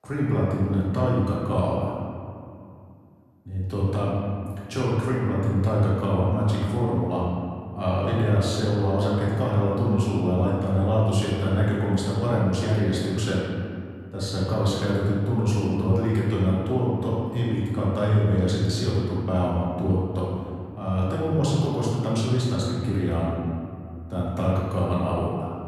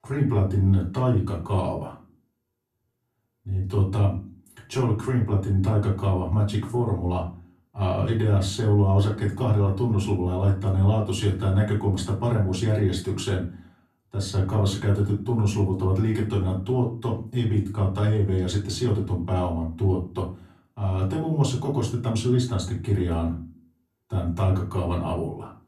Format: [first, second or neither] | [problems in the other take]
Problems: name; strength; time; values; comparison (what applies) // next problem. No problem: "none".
second | room echo; strong; dies away in 2.1 s; slight in the second // off-mic speech; far; far in the second